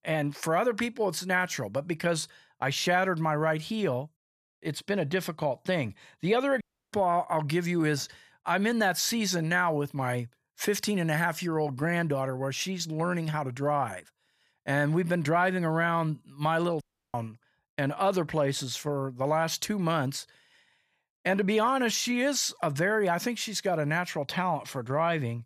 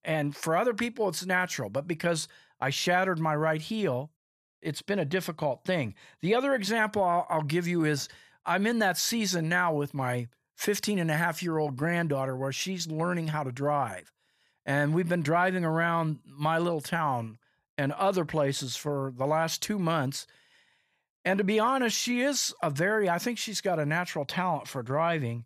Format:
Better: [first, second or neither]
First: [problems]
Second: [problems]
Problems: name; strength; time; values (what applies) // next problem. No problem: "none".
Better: second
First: audio cutting out; at 6.5 s and at 17 s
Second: none